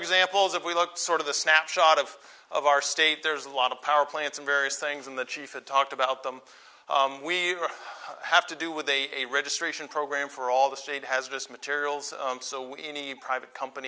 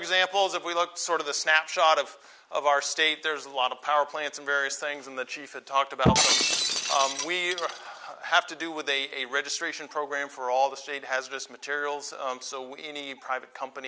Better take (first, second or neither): first